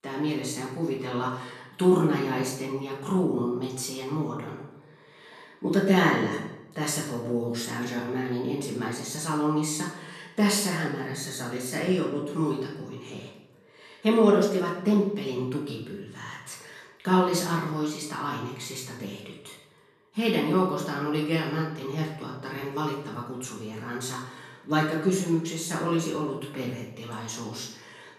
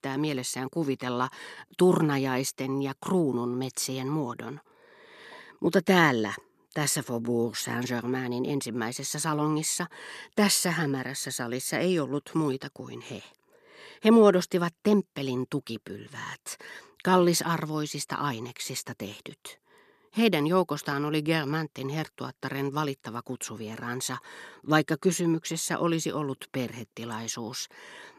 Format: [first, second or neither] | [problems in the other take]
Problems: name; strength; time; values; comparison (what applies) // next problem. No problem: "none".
second | off-mic speech; far // room echo; noticeable; dies away in 0.7 s